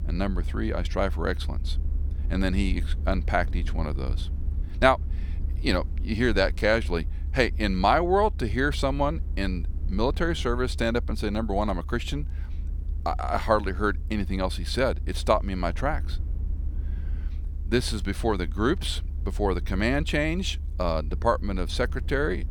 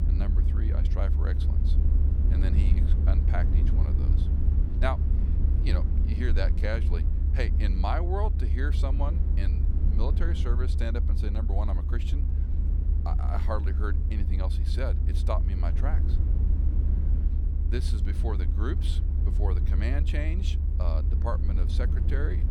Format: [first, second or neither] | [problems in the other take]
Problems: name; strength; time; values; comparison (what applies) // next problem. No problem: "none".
first | low rumble; loud; throughout; 6 dB below the speech; faint in the first